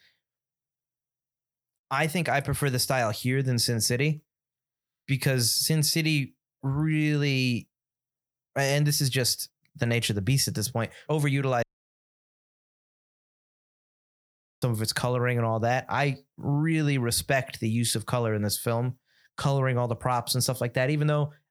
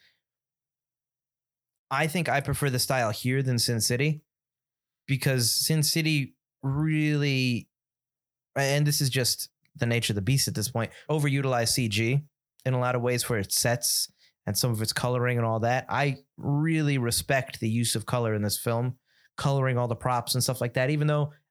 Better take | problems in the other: second | audio cutting out; at 12 s for 3 s

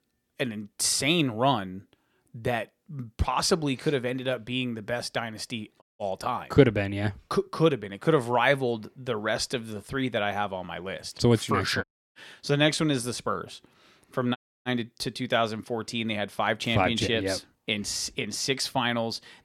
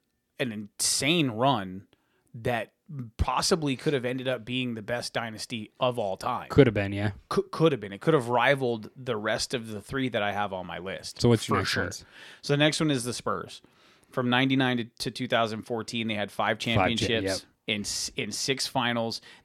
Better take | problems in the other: second | audio cutting out; at 6 s, at 12 s and at 14 s

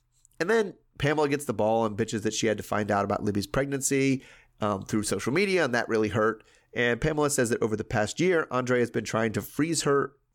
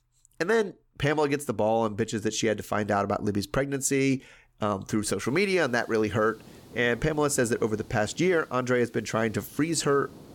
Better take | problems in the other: first | hiss; faint; from 5 s on; 25 dB below the speech

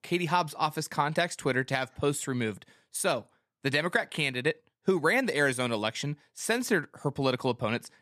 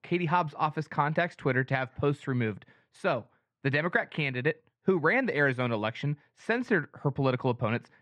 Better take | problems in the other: first | muffled; slightly; fading above 2 kHz

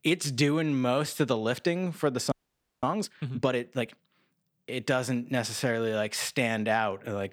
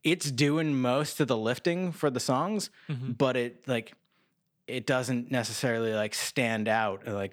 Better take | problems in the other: second | audio freezing; at 2.5 s for 0.5 s

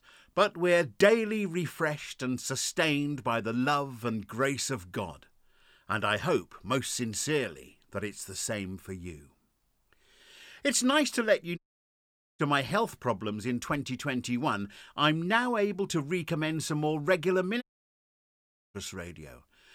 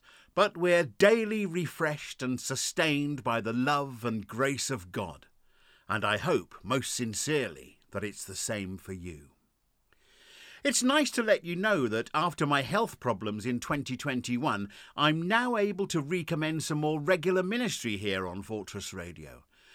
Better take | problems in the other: second | audio cutting out; at 12 s for 1 s and at 18 s for 1 s

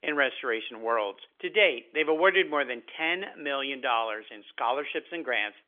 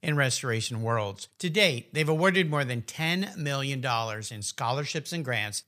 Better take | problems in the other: second | phone-call audio; nothing above 3.5 kHz

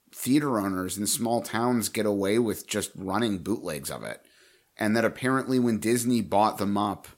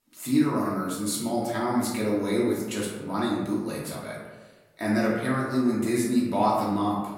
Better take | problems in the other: first | room echo; noticeable; dies away in 1 s // off-mic speech; far

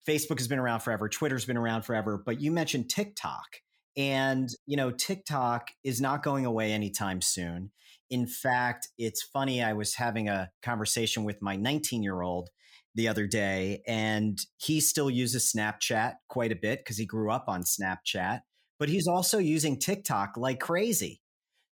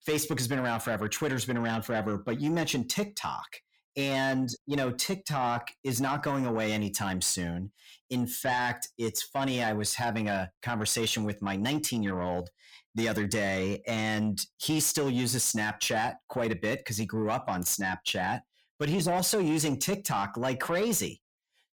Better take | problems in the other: first | distortion; slight; 10 dB below the speech

